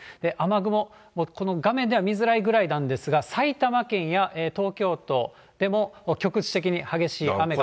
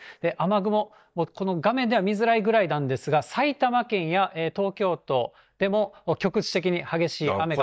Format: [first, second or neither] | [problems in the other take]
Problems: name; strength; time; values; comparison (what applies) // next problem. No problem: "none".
first | noise reduction (neural mask model DeepFilterNet 3)